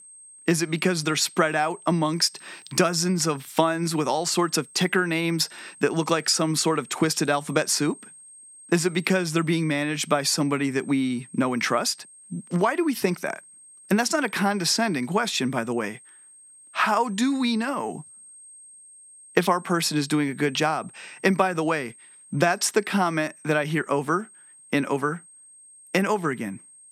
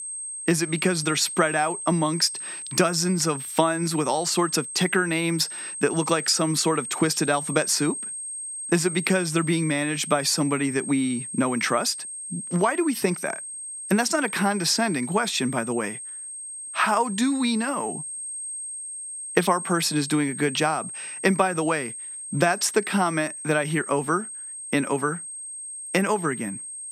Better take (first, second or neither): first